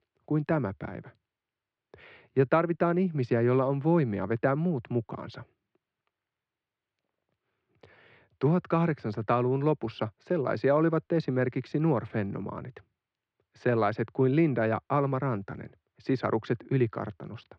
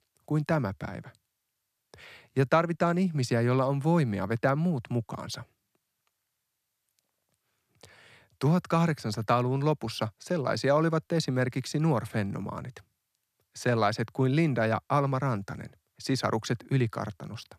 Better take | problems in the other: second | muffled; slightly; fading above 3 kHz

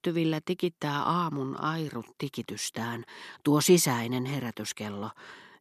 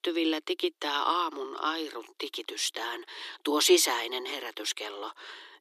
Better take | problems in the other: first | thin; very; fading below 300 Hz

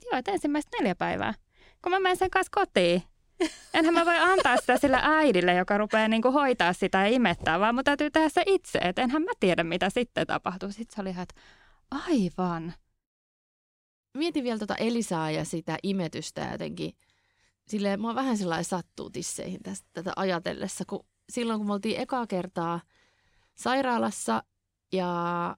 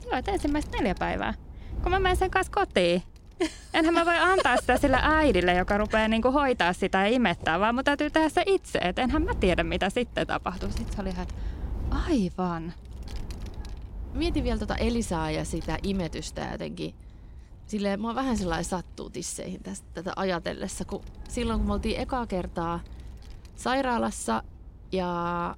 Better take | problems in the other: first | wind noise on the microphone; occasional gusts; 25 dB below the speech

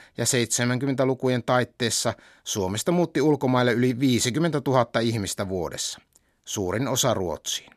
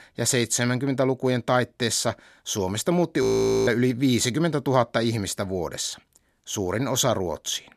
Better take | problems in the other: first | audio freezing; at 3 s

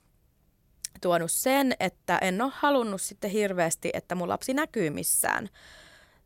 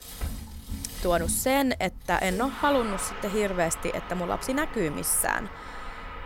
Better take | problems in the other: first | traffic noise; noticeable; throughout; 10 dB below the speech

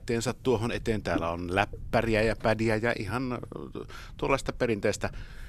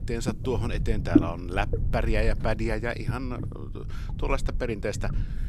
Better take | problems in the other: first | low rumble; loud; throughout; 4 dB below the speech; faint in the first

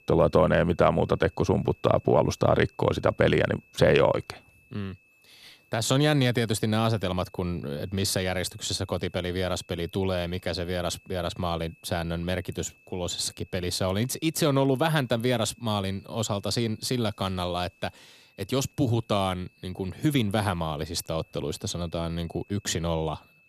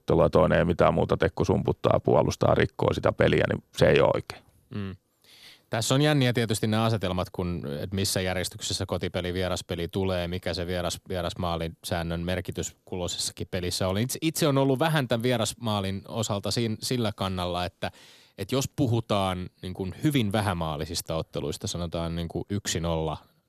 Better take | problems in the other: second | high-pitched whine; faint; throughout; 2.5 kHz, 30 dB below the speech

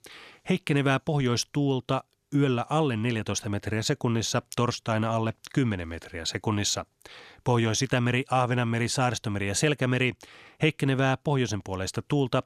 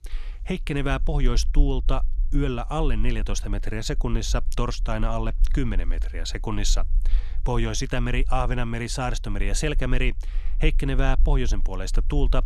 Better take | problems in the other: first | low rumble; faint; throughout; 25 dB below the speech

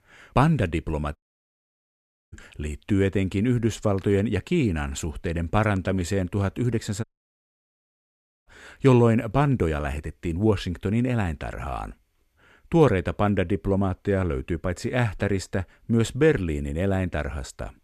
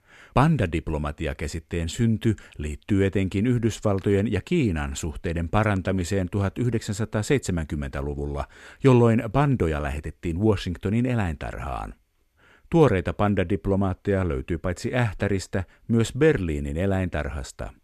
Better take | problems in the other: second | audio cutting out; at 1 s for 1 s and at 7 s for 1.5 s

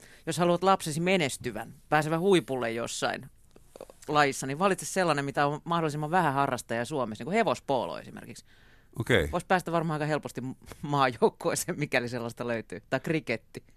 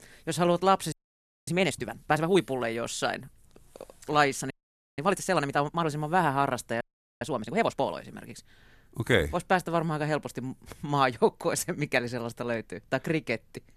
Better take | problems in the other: first | audio freezing; at 1 s for 0.5 s, at 4.5 s and at 7 s

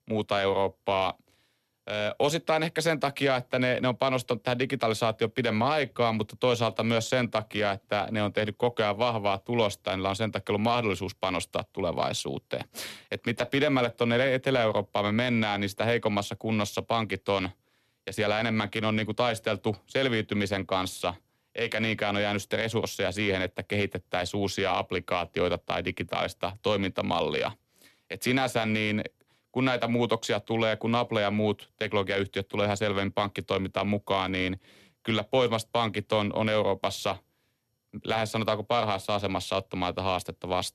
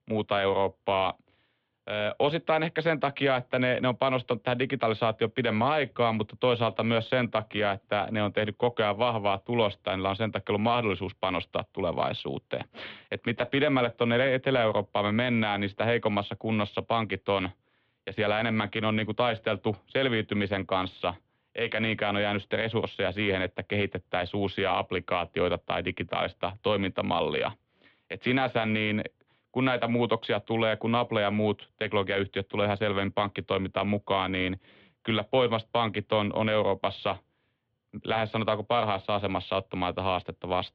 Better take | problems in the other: first | muffled; very; fading above 3.5 kHz

